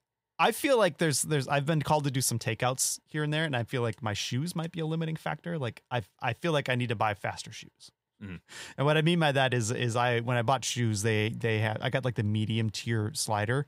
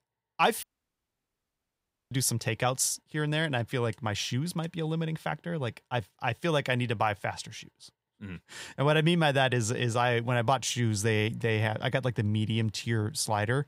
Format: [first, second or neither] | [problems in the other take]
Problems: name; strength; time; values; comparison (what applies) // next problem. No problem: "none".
first | audio cutting out; at 0.5 s for 1.5 s